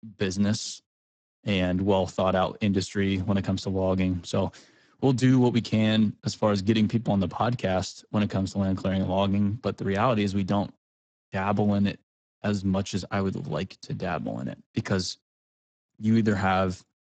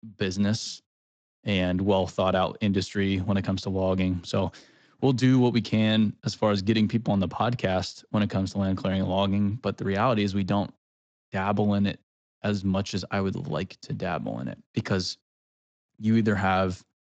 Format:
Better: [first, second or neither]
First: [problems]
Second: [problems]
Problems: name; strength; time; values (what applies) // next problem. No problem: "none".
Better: second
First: garbled, watery; badly; nothing above 8 kHz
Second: garbled, watery; slightly; nothing above 7.5 kHz